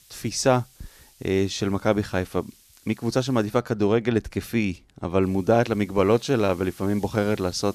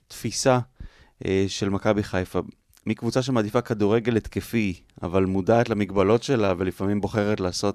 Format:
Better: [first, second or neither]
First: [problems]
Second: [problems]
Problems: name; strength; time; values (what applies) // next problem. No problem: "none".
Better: second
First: hiss; faint; until 3.5 s and from 5 s on; 30 dB below the speech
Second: none